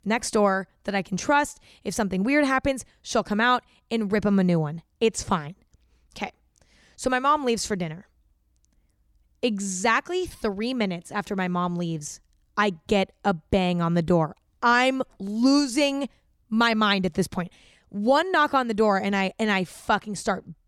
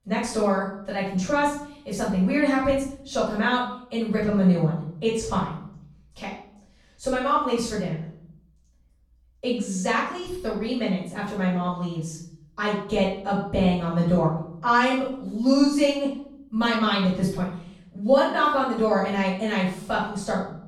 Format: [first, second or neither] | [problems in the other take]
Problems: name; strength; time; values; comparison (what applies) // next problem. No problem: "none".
first | off-mic speech; far // room echo; noticeable; dies away in 0.6 s